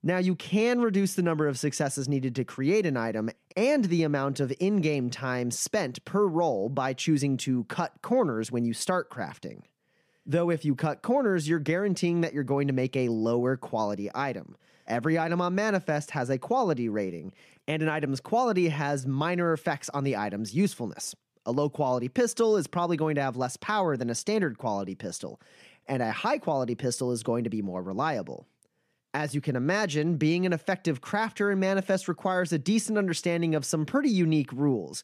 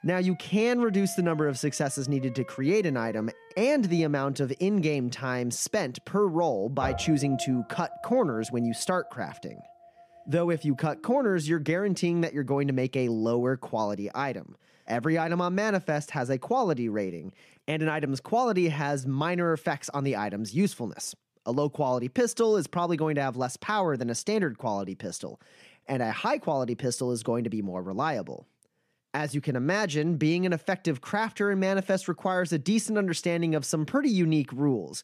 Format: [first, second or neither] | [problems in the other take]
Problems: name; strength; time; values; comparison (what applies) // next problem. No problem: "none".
first | background music; noticeable; until 12 s; 15 dB below the speech